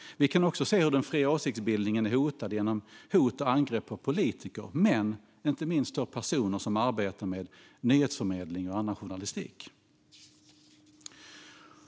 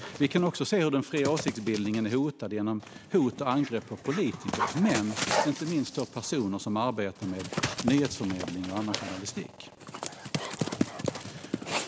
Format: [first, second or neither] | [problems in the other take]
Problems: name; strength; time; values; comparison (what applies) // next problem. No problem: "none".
first | background sound (Dog); 6 dB below the speech